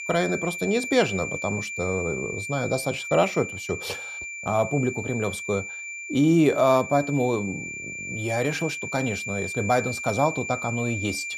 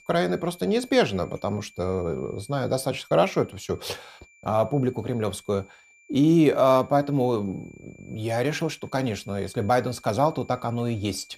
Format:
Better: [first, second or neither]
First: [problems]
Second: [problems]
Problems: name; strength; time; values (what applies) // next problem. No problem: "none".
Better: second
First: high-pitched whine; loud; throughout; 2.5 kHz, 6 dB below the speech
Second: high-pitched whine; faint; throughout; 2.5 kHz, 30 dB below the speech